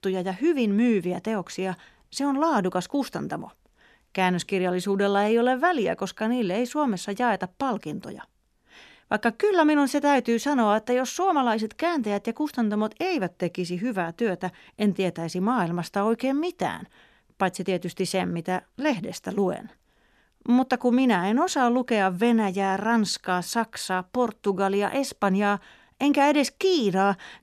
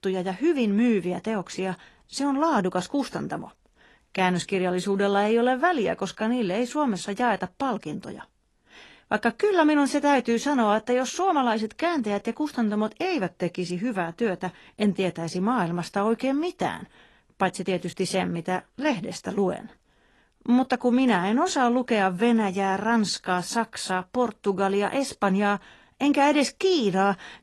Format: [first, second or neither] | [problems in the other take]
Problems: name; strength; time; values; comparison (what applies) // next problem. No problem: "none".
first | garbled, watery; slightly; nothing above 11.5 kHz